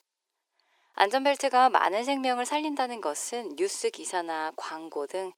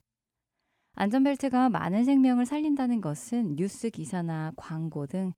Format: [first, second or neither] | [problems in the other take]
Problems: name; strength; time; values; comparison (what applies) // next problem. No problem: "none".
second | thin; very; fading below 350 Hz